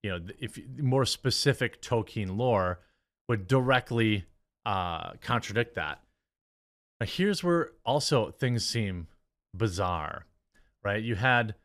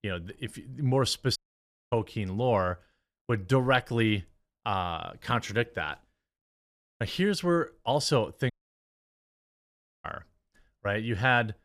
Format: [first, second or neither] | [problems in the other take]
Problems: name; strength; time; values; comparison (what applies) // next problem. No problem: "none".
first | audio cutting out; at 1.5 s for 0.5 s and at 8.5 s for 1.5 s